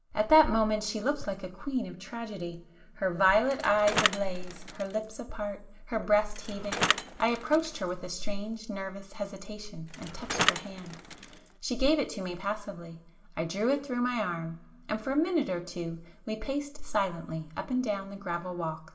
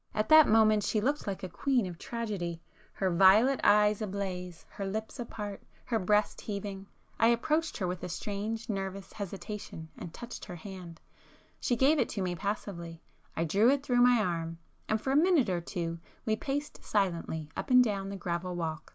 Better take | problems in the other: second | background sound (Bicycle); 4 dB below the speech // room echo; dies away in 0.6 s

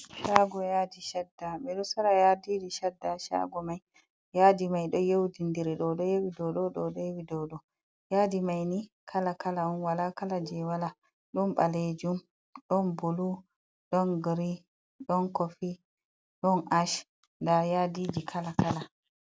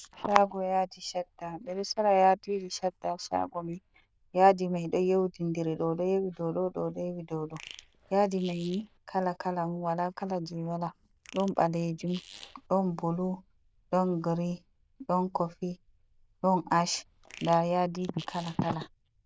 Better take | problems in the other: first | noise reduction (neural diffusion model UNIVERSE++)

